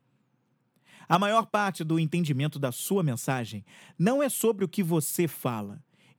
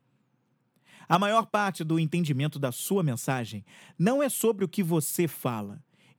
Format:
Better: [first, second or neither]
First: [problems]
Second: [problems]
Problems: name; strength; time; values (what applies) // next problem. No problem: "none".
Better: neither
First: none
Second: none